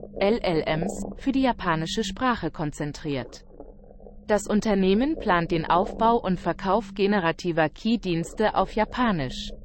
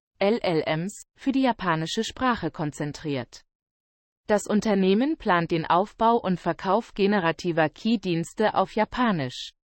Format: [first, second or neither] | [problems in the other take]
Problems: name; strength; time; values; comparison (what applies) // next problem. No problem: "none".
second | low rumble; noticeable; throughout; 15 dB below the speech